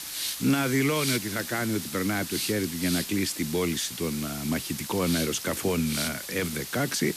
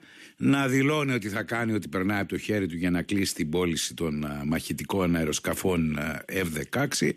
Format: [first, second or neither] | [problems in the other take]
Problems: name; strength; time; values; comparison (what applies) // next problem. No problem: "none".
second | hiss; loud; throughout; 5 dB below the speech